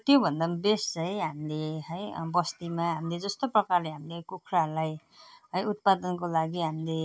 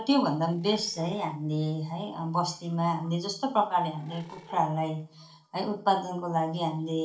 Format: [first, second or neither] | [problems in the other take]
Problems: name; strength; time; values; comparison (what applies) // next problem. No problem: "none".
first | noise reduction (neural separator model SepFormer DNS4)